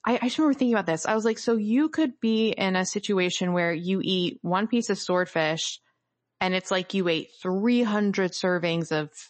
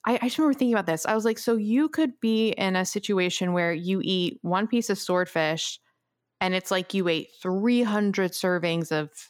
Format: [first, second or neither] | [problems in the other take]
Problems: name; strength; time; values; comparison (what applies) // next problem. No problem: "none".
second | garbled, watery; slightly; nothing above 7.5 kHz